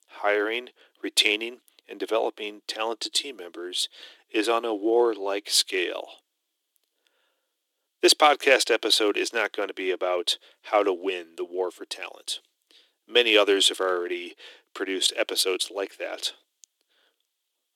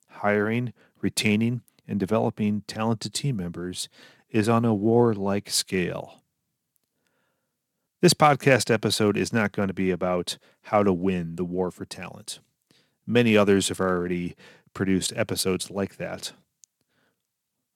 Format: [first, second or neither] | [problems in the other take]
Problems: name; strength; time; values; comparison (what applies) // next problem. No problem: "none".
second | thin; very; fading below 300 Hz